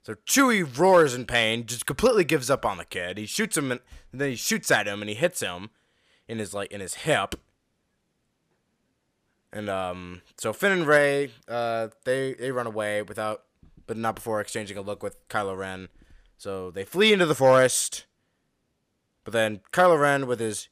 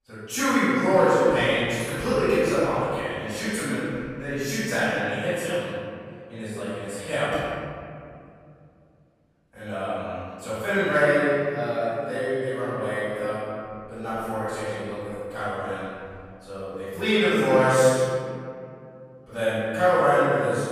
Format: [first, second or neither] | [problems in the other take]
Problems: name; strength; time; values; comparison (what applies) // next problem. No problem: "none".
first | off-mic speech; far // room echo; strong; dies away in 2.4 s